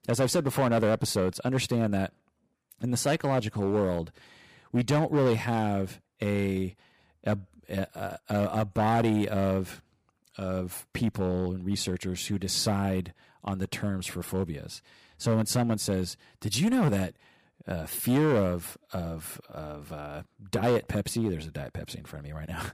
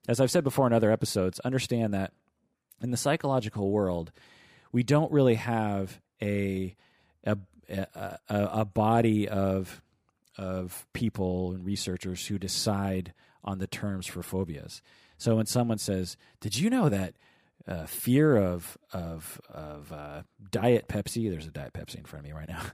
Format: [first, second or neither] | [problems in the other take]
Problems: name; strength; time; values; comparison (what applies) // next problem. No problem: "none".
second | distortion; slight; 5% of the sound clipped